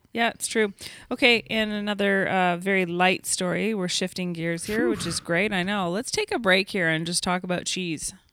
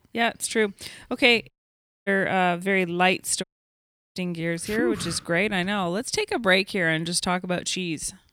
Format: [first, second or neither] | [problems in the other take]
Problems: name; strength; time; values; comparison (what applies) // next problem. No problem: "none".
first | audio cutting out; at 1.5 s for 0.5 s and at 3.5 s for 0.5 s